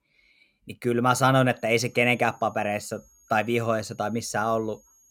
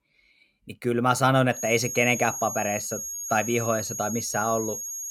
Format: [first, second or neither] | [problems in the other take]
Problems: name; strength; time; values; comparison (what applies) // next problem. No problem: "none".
first | high-pitched whine; loud; from 1.5 s on; 6.5 kHz, 6 dB below the speech; faint in the first